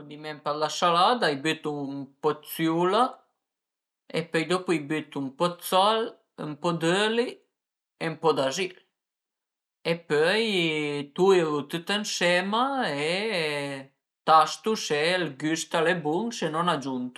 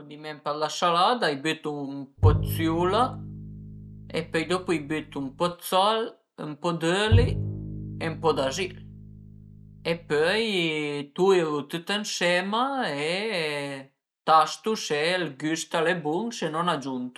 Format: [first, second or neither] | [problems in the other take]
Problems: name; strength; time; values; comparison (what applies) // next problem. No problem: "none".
first | background sound (Bowed string instrument); 3 dB below the speech